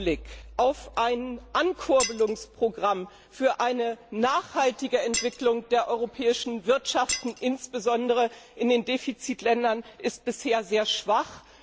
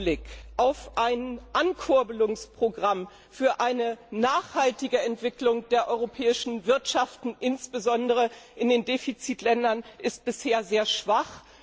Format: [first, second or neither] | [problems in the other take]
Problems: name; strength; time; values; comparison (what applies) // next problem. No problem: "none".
second | background sound (Shatter); 6 dB below the speech